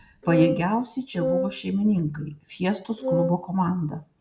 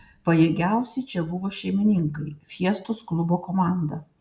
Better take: second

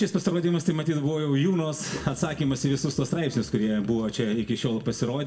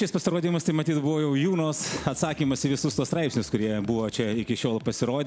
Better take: second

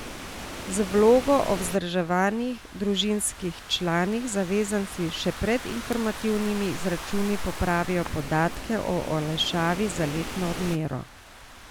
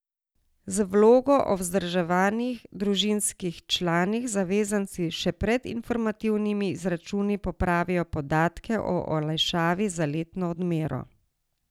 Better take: second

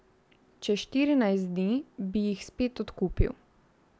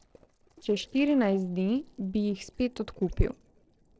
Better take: first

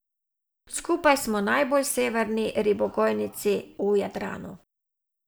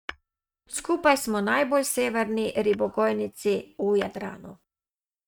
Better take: first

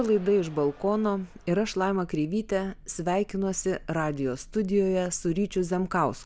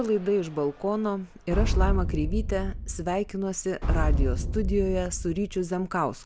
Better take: first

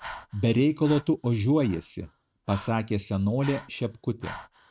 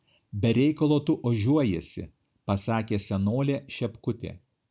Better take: second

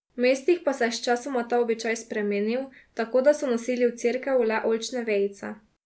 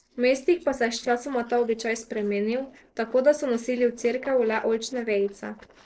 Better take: first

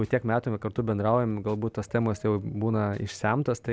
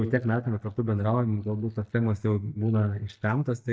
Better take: first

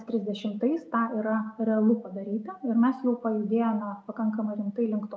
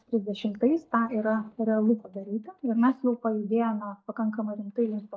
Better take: first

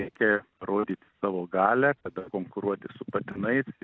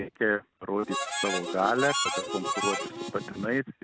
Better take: first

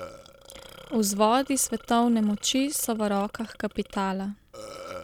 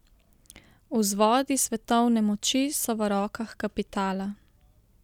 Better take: second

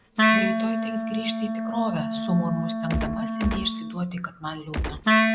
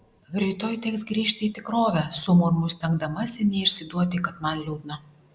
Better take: second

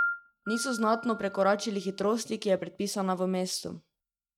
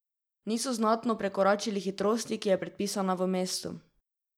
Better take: second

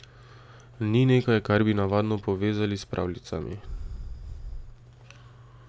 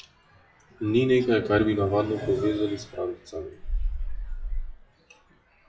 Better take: first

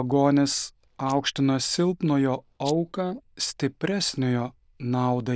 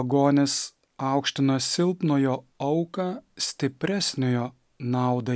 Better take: second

